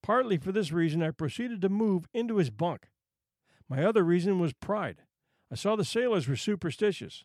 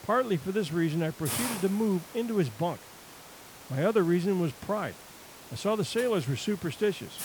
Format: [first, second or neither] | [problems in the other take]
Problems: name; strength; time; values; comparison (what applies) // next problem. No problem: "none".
first | hiss; noticeable; throughout; 10 dB below the speech